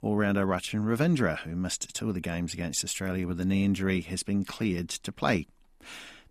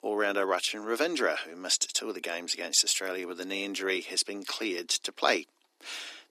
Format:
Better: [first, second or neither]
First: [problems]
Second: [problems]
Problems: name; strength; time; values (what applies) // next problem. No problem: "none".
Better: first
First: none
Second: thin; very; fading below 300 Hz